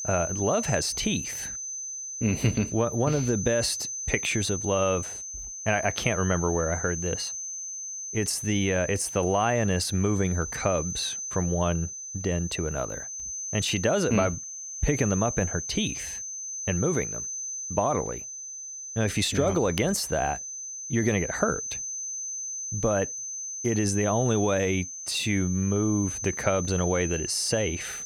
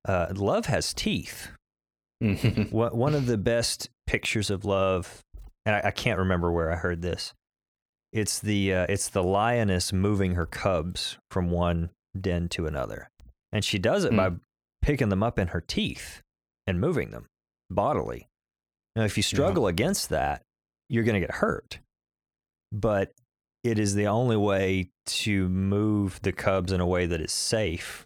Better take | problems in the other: second | high-pitched whine; loud; throughout; 6 kHz, 6 dB below the speech

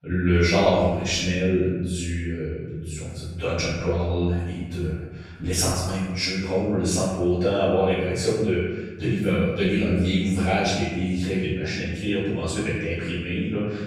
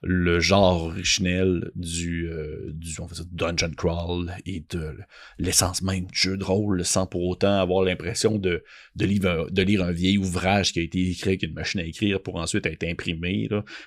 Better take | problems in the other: second | off-mic speech; far // room echo; strong; dies away in 1.1 s

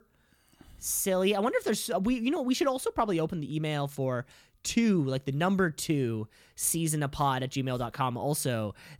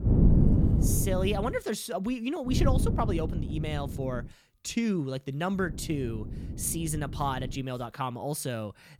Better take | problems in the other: first | wind noise on the microphone; heavy; until 1.5 s, from 2.5 to 4.5 s and from 5.5 to 7.5 s; 6 dB below the speech

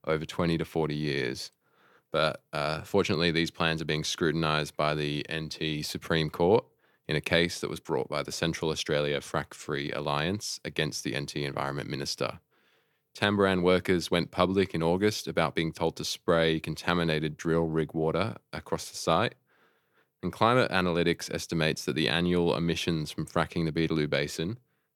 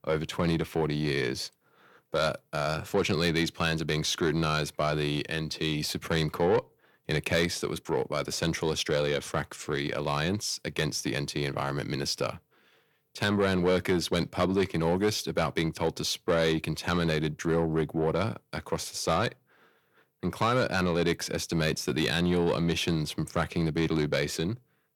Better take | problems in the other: first | distortion; slight; 10 dB below the speech

